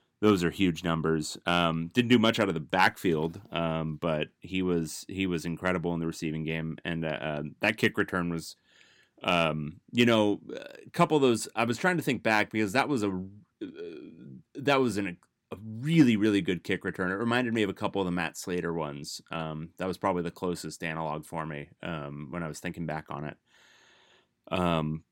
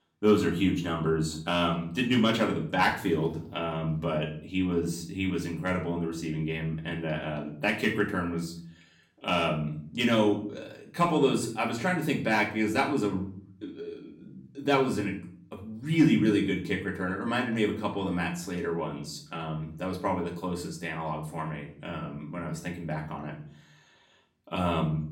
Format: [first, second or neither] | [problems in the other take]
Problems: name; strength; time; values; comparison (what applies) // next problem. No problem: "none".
first | room echo; slight; dies away in 0.5 s // off-mic speech; far